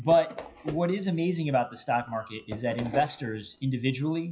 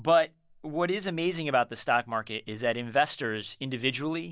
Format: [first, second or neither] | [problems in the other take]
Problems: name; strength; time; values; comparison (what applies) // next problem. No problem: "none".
second | noise reduction (classical method WPE with log-MMSE)